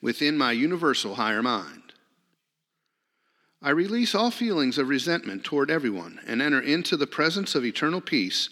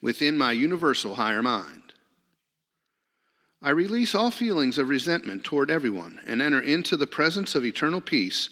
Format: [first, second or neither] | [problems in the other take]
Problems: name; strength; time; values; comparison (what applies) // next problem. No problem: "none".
first | garbled, watery; slightly; nothing above 19 kHz